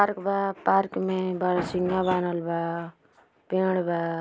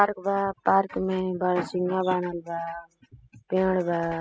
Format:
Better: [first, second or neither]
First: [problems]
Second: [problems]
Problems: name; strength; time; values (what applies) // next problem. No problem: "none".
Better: first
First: none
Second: noise reduction (classical method spectral subtraction)